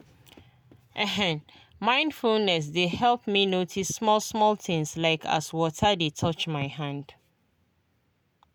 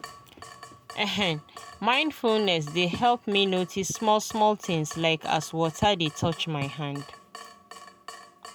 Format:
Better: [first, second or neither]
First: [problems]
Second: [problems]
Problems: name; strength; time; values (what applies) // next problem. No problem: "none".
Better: first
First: none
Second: background sound (Drip / Water tap, faucet); 19 dB below the speech